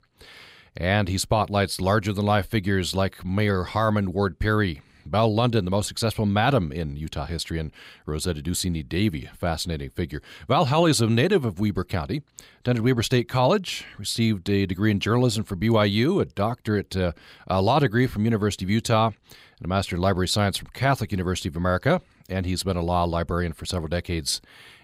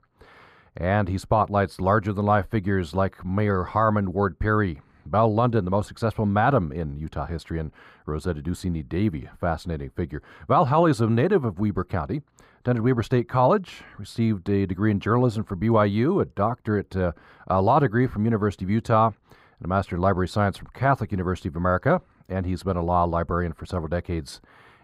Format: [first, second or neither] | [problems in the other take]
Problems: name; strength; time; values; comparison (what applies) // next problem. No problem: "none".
first | muffled; very; fading above 2 kHz